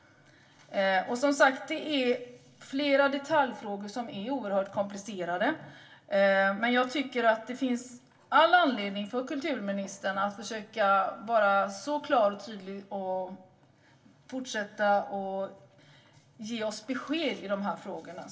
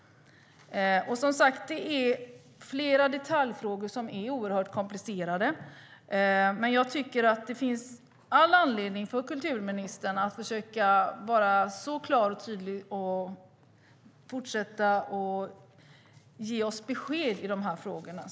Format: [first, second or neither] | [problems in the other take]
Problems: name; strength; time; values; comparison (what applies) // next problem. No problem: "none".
second | room echo; dies away in 0.2 s